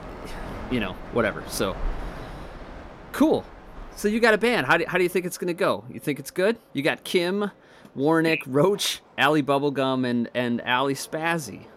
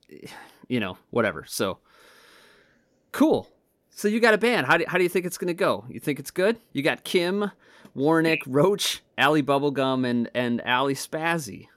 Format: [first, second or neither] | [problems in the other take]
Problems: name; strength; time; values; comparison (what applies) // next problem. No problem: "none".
second | train or aircraft noise; noticeable; throughout; 15 dB below the speech